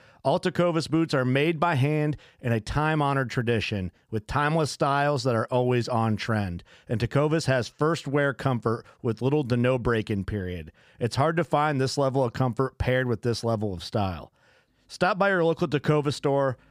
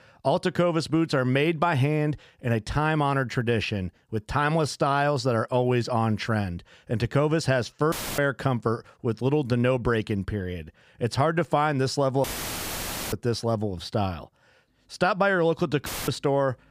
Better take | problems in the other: first | audio cutting out; filled with static; at 8 s, at 12 s for 1 s and at 16 s

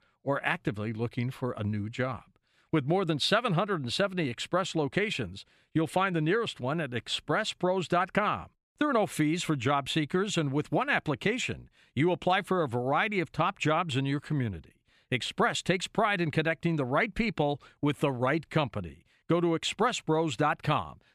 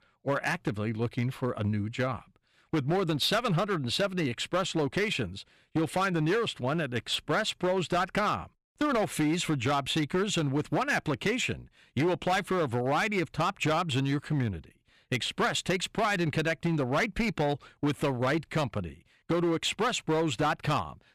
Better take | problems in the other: first | distortion; slight; 9% of the sound clipped

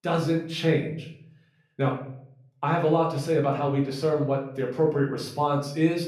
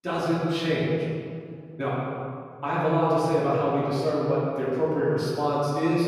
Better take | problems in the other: first | room echo; strong; dies away in 2 s; slight in the first // off-mic speech; far; far in the first

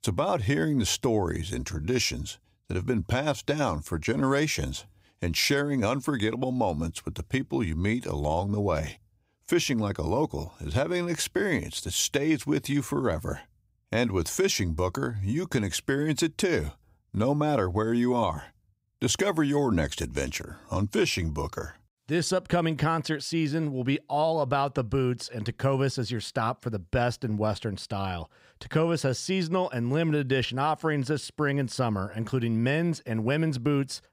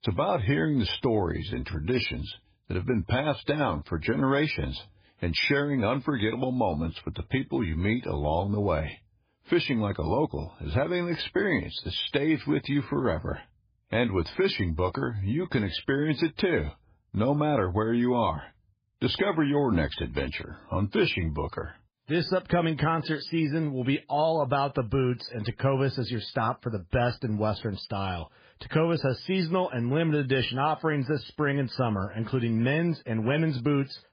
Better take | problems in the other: first | garbled, watery; badly; nothing above 5 kHz

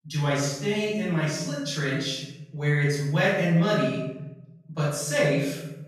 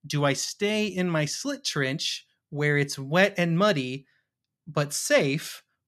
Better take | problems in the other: second | off-mic speech; far // room echo; strong; dies away in 0.9 s

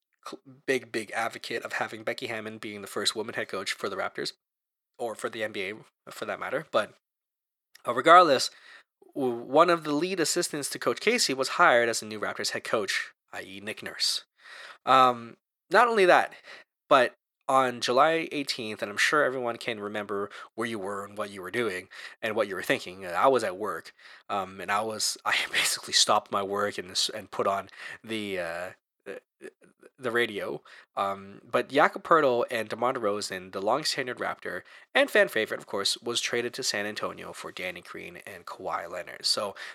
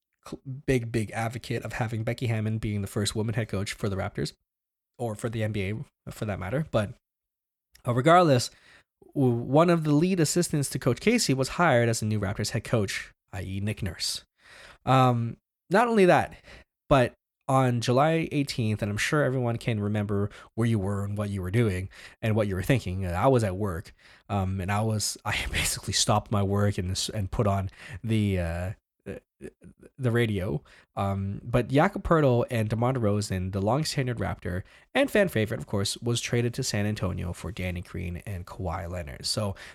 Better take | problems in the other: second | thin; very; fading below 400 Hz

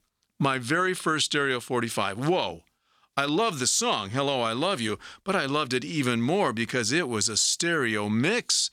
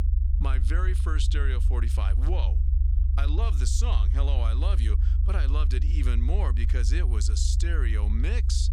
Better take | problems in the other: first | low rumble; loud; throughout; 8 dB below the speech

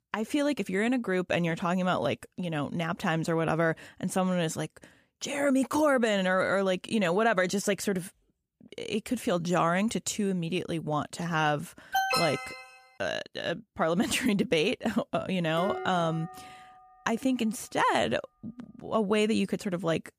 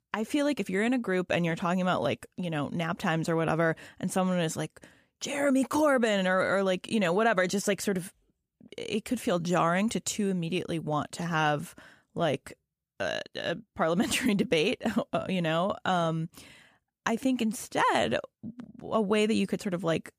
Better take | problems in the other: second | alarm; loud; at 12 s; peak 2 dB above the speech // clattering dishes; noticeable; from 16 to 17 s; peak 8 dB below the speech

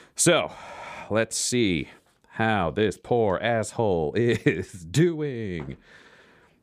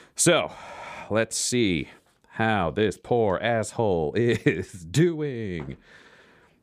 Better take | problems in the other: neither | none

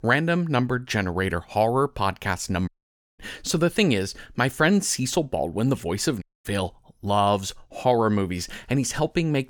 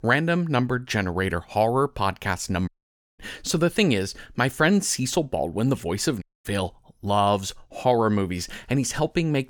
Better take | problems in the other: neither | audio cutting out; at 2.5 s for 0.5 s and at 6 s; the same in both

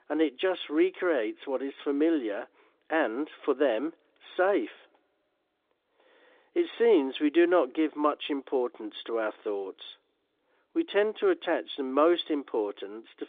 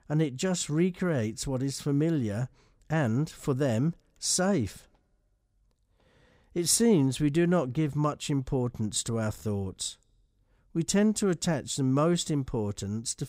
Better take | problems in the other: second | phone-call audio

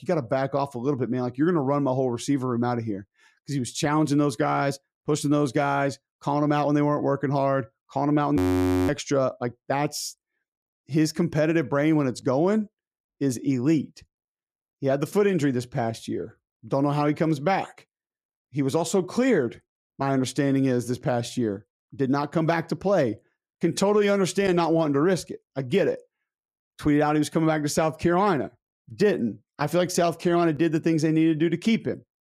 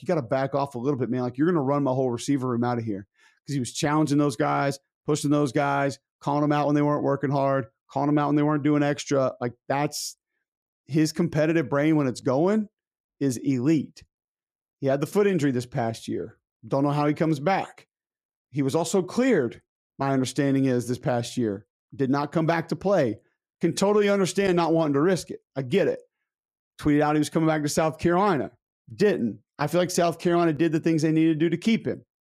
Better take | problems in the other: second | audio freezing; at 8.5 s for 0.5 s

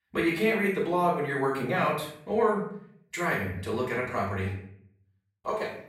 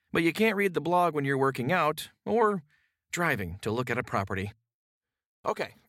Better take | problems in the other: second | off-mic speech; far // room echo; noticeable; dies away in 0.6 s

